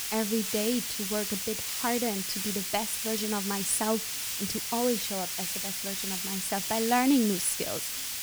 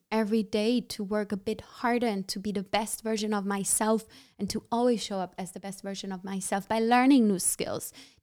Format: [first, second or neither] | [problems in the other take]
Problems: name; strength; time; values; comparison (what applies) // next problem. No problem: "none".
second | hiss; loud; throughout; as loud as the speech